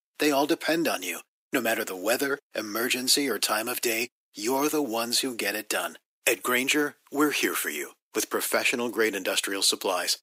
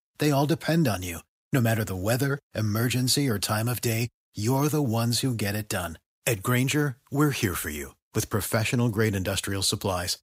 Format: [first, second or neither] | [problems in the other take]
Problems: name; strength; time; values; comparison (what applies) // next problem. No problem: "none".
second | thin; somewhat; fading below 300 Hz